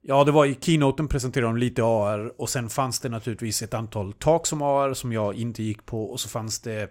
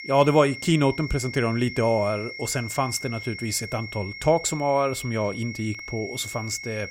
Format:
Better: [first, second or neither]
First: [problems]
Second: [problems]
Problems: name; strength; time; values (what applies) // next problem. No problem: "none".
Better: first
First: none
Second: high-pitched whine; noticeable; throughout; 2 kHz, 10 dB below the speech